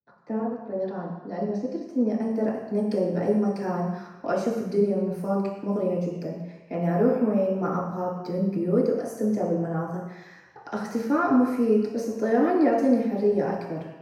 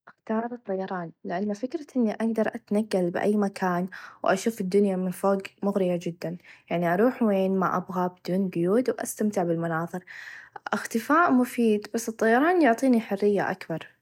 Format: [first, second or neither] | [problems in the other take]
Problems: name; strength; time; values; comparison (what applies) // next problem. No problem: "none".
second | room echo; dies away in 0.9 s